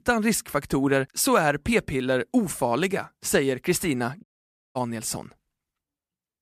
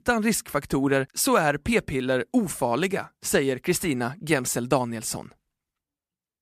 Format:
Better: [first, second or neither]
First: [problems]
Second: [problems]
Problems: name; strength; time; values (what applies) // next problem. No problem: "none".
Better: second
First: audio cutting out; at 4 s for 0.5 s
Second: none